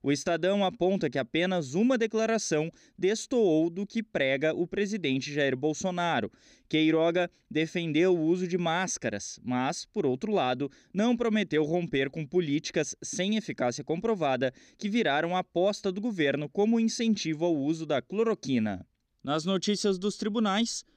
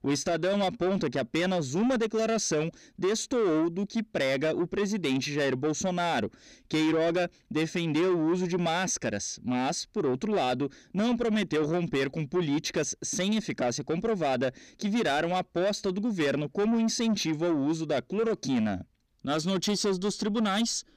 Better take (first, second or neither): first